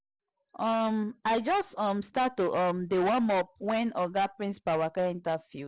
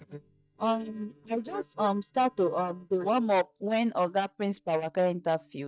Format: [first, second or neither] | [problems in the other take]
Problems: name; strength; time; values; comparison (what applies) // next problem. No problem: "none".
first | noise reduction (neural mask model DeepFilterNet 3)